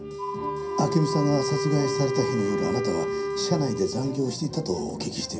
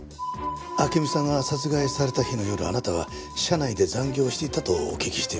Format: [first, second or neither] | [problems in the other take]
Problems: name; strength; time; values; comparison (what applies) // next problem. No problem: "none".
second | background sound (Wind instrument, woodwind instrument); 4 dB below the speech // room echo; dies away in 0.3 s